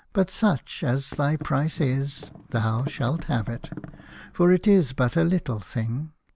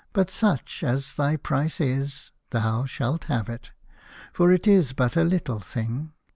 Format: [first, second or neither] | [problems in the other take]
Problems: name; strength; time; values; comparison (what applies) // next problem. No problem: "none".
second | background sound (Thump, thud); 16 dB below the speech